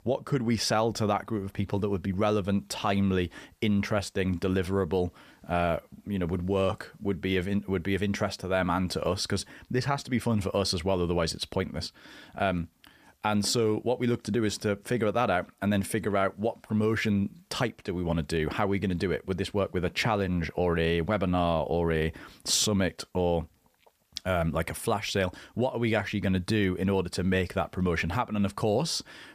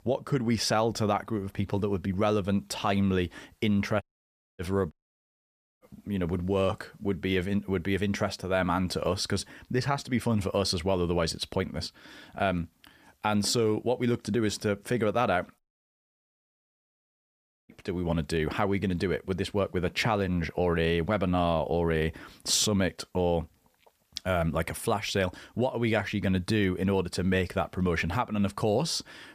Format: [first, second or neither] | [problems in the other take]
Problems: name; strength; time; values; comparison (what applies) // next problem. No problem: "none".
first | audio cutting out; at 4 s for 0.5 s, at 5 s for 1 s and at 16 s for 2 s